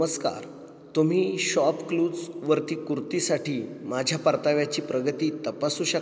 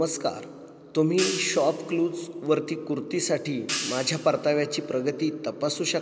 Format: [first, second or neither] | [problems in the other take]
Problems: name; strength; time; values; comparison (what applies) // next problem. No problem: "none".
first | background sound (Hi-hat); 10 dB below the speech